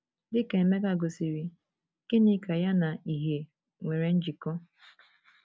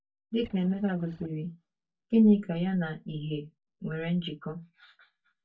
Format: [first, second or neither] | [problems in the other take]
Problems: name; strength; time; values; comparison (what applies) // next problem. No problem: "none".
first | noise reduction (neural mask model DeepFilterNet 3)